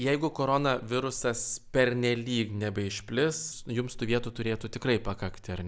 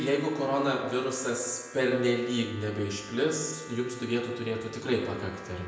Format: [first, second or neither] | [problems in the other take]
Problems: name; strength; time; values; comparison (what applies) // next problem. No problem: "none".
first | background sound (Harmonica); 17 dB below the speech // room echo; dies away in 0.9 s